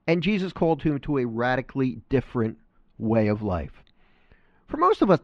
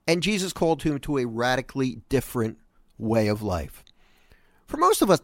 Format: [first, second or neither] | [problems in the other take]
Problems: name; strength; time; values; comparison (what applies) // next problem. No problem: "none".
second | muffled; slightly; fading above 3 kHz